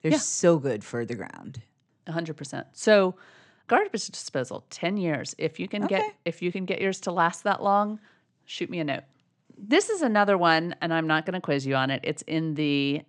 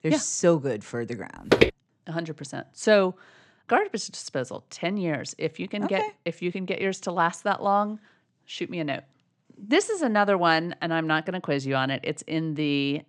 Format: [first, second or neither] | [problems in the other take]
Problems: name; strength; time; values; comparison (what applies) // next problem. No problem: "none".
first | footsteps; loud; at 1.5 s; peak 5 dB above the speech